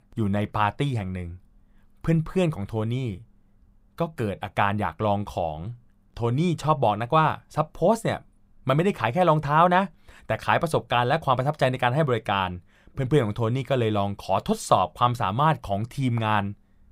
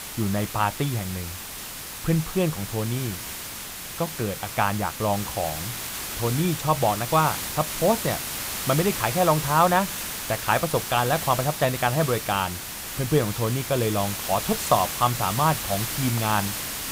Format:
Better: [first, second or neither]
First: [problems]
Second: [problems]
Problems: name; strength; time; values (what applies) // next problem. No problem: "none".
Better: first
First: none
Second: hiss; loud; throughout; 5 dB below the speech